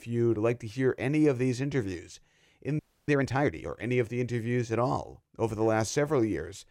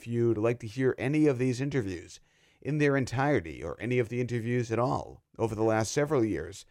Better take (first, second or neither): second